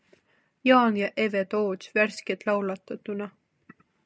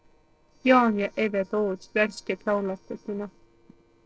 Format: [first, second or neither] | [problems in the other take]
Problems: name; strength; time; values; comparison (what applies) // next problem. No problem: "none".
first | noise reduction (neural separator model SepFormer DNS4)